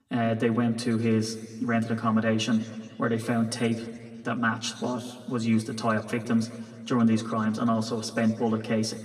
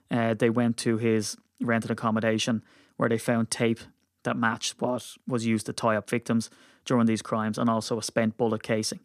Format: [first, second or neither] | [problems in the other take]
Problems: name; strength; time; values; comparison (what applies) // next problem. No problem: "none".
second | room echo; slight; dies away in 1.7 s // off-mic speech; far